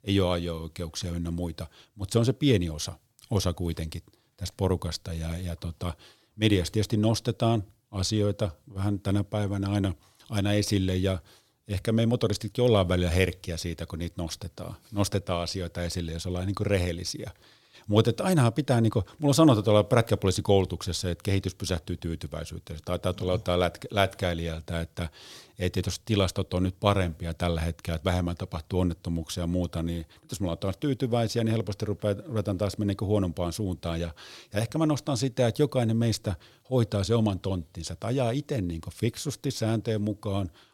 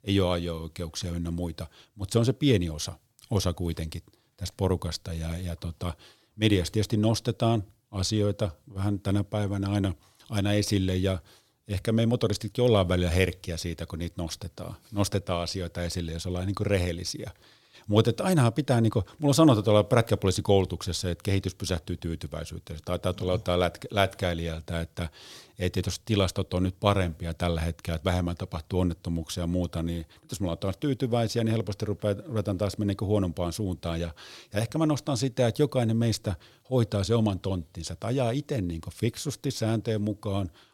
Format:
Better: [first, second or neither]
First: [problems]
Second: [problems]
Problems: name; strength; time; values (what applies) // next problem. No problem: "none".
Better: neither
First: none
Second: none